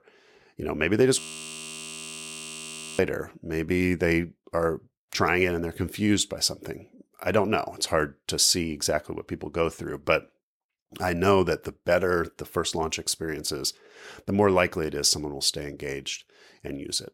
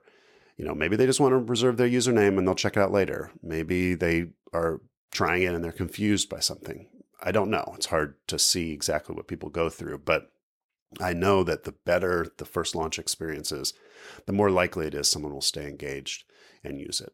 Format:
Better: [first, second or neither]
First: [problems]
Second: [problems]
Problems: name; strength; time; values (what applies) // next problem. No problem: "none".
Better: second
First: audio freezing; at 1 s for 2 s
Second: none